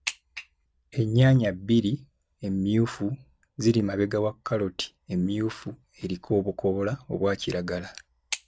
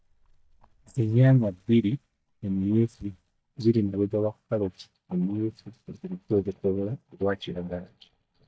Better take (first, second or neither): first